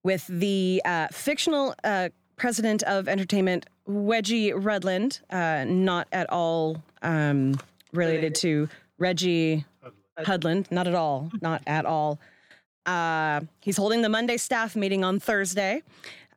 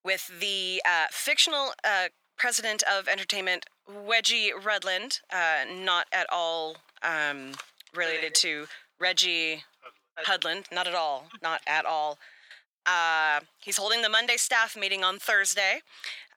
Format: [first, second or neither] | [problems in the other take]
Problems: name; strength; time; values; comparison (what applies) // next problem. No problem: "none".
first | thin; very; fading below 950 Hz